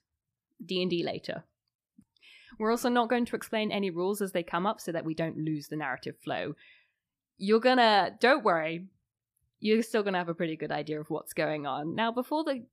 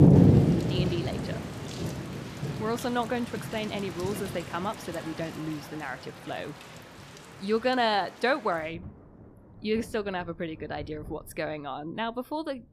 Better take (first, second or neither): first